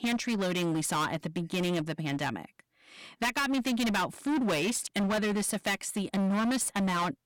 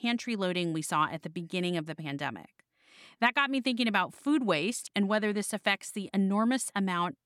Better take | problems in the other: second | distortion; heavy; 24% of the sound clipped

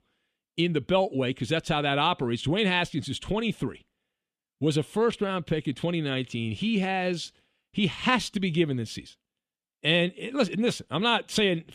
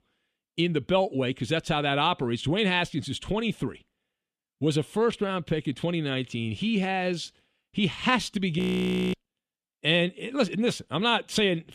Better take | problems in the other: first | audio freezing; at 8.5 s for 0.5 s

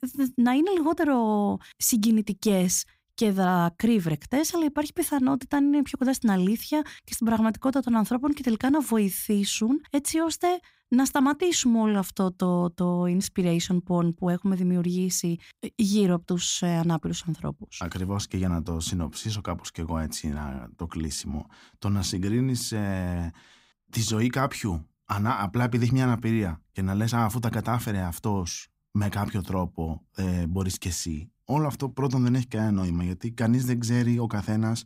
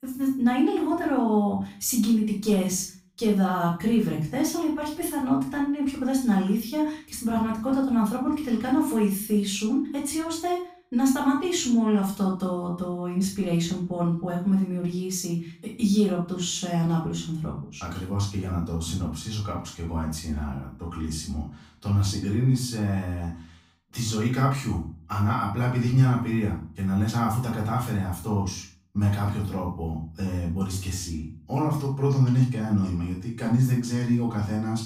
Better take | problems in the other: first | off-mic speech; far // room echo; noticeable; dies away in 0.4 s

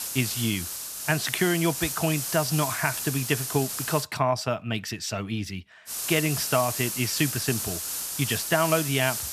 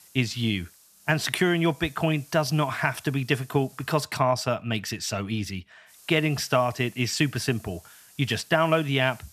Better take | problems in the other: second | hiss; loud; until 4 s and from 6 s on; 3 dB below the speech; faint in the second

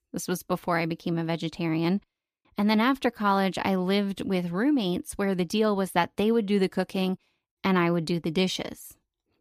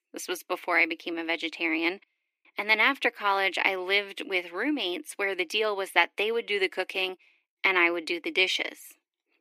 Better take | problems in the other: first | thin; very; fading below 300 Hz

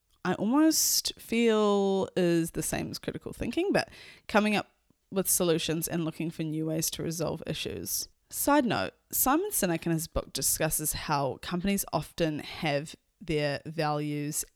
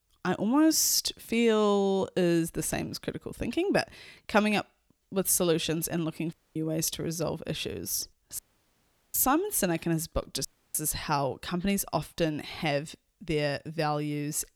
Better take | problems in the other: first | audio cutting out; at 6.5 s, at 8.5 s for 1 s and at 10 s

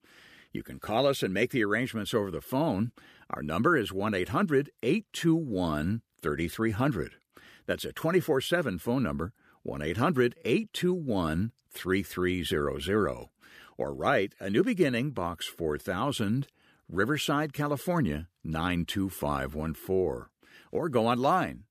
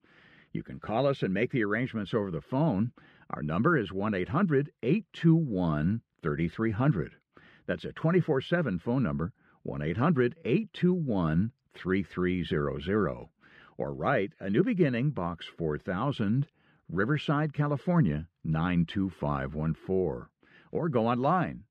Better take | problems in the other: first | muffled; slightly; fading above 2.5 kHz

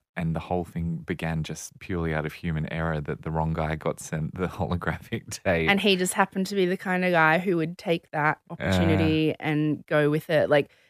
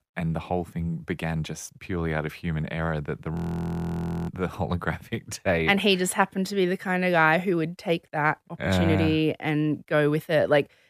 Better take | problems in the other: first | audio freezing; at 3.5 s for 1 s

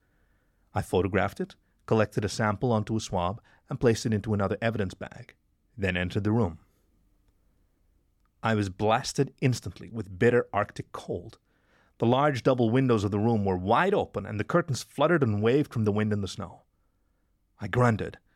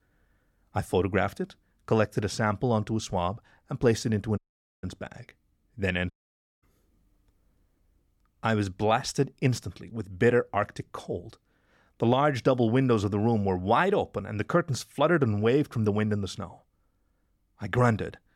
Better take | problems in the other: first | audio cutting out; at 4.5 s and at 6 s for 0.5 s

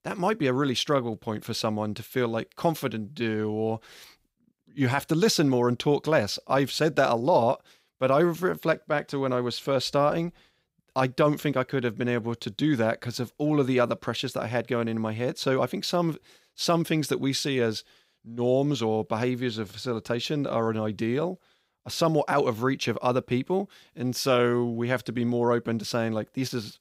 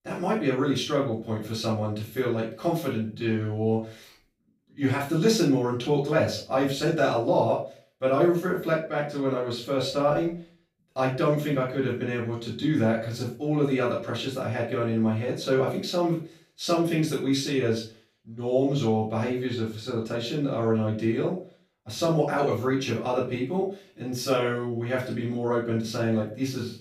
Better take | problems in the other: first | room echo; noticeable; dies away in 0.3 s // off-mic speech; far

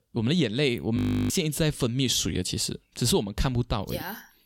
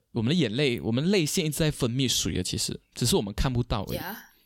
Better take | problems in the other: second | audio freezing; at 1 s

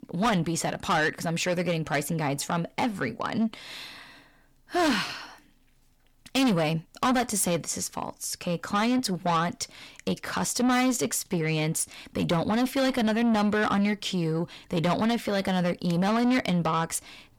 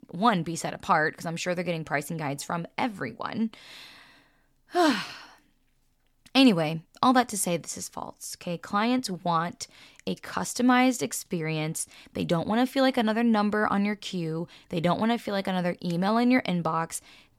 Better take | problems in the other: second | distortion; heavy; 7 dB below the speech

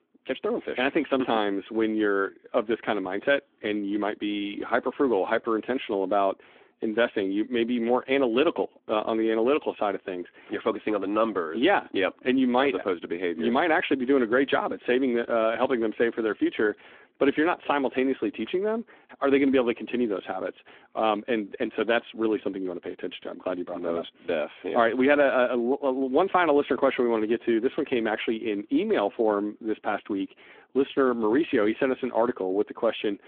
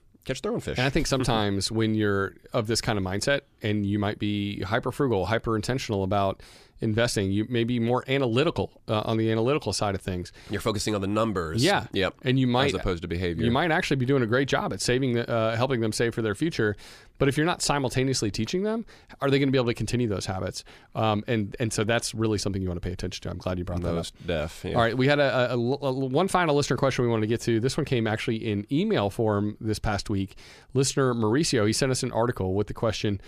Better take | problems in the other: second | phone-call audio; nothing above 3.5 kHz

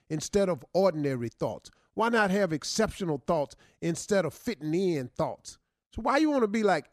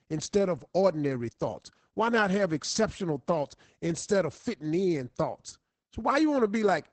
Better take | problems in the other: first | garbled, watery; badly; nothing above 8 kHz

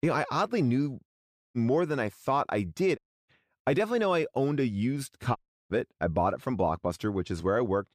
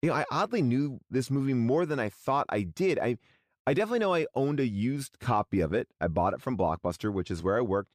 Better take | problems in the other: second | audio cutting out; at 1 s, at 3 s and at 5.5 s

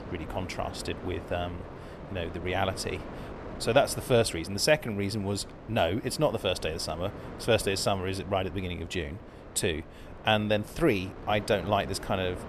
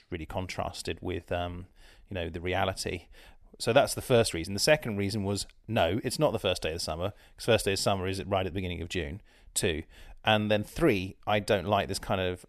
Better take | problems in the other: second | wind noise on the microphone; occasional gusts; 15 dB below the speech

